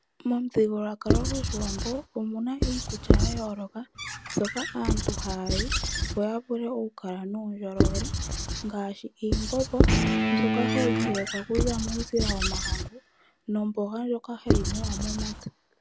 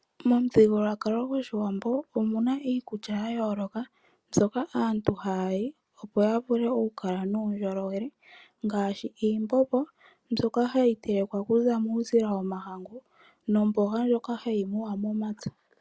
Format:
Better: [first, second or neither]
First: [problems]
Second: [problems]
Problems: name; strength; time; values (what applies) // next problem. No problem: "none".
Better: second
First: background sound (Squeak / Writing + Guitar); 3 dB above the speech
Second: none